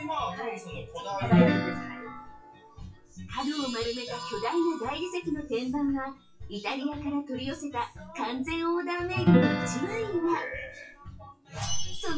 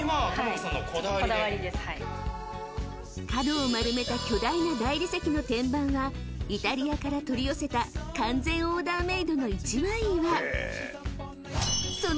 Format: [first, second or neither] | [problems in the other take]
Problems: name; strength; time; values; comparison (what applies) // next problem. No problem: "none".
second | noise reduction (classical method WPE with log-MMSE)